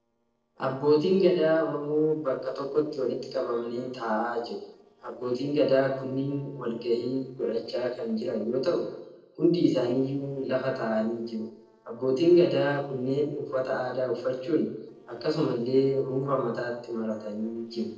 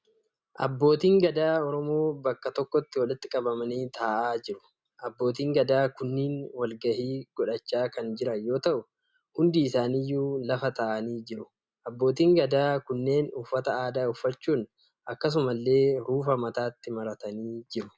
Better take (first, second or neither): second